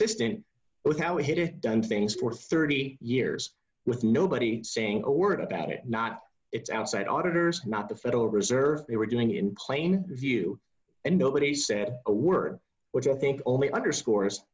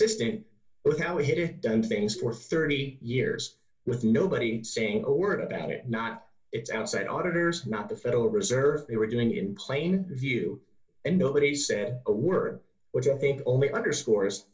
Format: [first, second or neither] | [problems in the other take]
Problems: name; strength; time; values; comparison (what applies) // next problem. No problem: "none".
first | room echo; dies away in 0.2 s